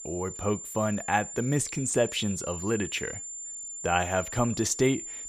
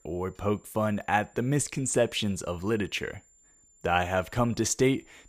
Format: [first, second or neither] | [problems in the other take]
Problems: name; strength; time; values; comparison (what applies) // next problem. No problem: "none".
second | high-pitched whine; loud; throughout; 7 kHz, 8 dB below the speech; faint in the second